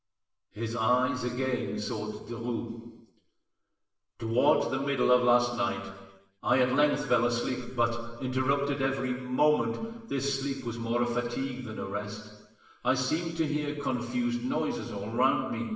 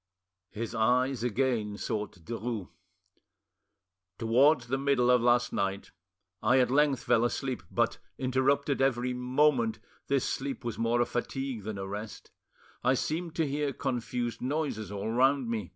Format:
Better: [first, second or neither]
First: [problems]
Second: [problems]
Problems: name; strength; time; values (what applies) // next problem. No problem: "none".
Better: second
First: room echo; dies away in 1.1 s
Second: none